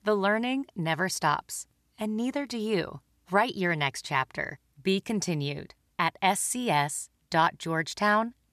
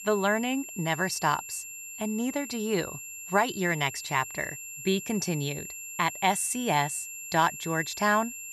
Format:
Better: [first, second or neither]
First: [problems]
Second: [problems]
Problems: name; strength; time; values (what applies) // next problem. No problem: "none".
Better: first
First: none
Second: high-pitched whine; loud; throughout; 7.5 kHz, 9 dB below the speech